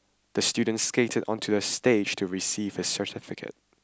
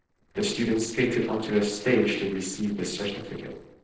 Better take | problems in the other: first | noise reduction (neural separator model SepFormer DNS4)

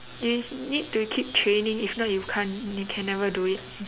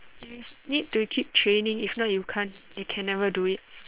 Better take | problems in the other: first | noise reduction (neural separator model SepFormer WHAM!)

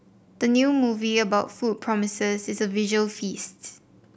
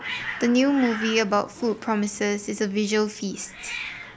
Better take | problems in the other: first | background sound (Hiss); 12 dB below the speech

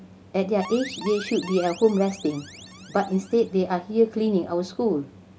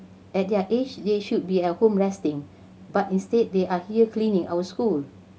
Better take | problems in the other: second | background sound (Alarm); 16 dB below the speech

